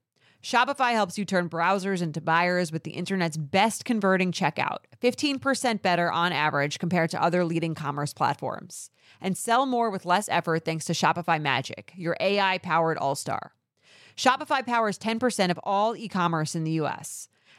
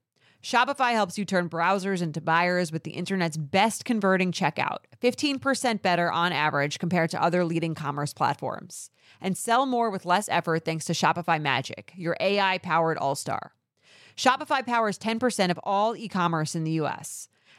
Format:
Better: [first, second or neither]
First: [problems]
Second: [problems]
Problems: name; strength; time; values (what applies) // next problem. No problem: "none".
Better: neither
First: none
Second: none